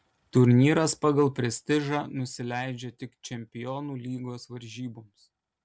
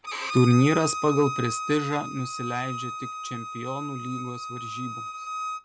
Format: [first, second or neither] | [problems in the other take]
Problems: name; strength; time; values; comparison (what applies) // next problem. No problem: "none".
first | background sound (Bowed string instrument); 7 dB below the speech